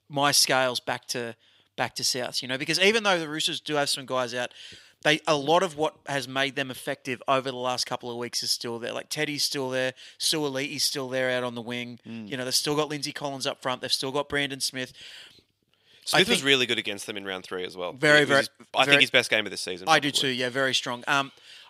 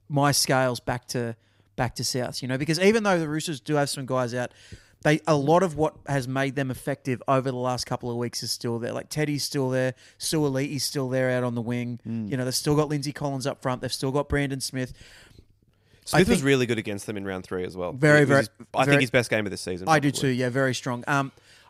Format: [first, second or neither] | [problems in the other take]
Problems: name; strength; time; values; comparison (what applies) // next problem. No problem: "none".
second | thin; very slightly; fading below 1 kHz